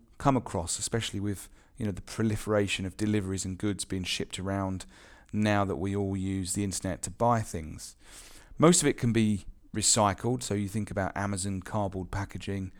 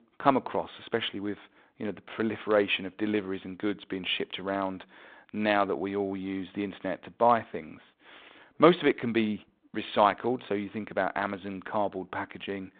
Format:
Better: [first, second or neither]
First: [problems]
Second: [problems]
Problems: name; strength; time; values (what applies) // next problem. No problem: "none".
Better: first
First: none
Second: phone-call audio; nothing above 3.5 kHz